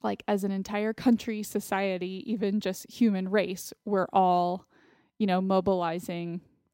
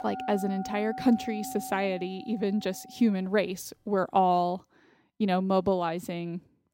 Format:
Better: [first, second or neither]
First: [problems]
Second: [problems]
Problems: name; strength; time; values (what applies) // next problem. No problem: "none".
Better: first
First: none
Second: background music; noticeable; until 4 s; 10 dB below the speech